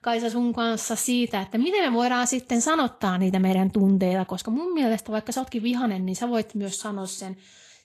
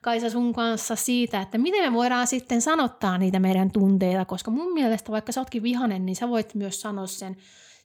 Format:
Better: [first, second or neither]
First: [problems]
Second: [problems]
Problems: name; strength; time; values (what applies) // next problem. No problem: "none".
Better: second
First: garbled, watery; slightly; nothing above 13 kHz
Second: none